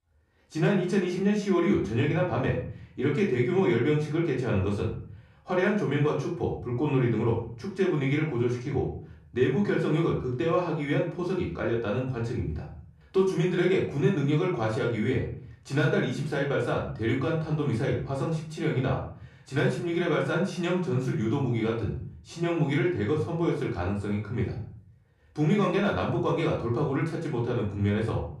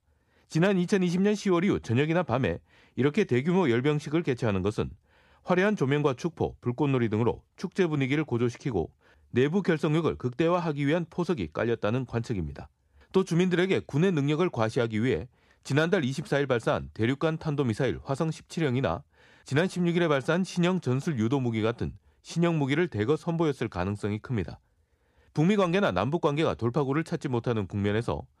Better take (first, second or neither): second